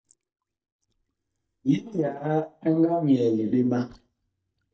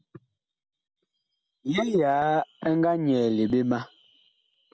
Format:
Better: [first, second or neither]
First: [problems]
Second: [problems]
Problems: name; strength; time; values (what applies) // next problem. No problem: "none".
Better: second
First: noise reduction (neural mask model DeepFilterNet 3)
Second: none